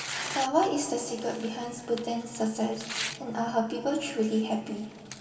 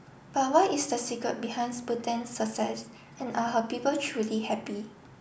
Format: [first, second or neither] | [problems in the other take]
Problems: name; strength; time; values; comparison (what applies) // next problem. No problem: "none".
second | background sound (Tearing); 11 dB below the speech // room echo; dies away in 2.4 s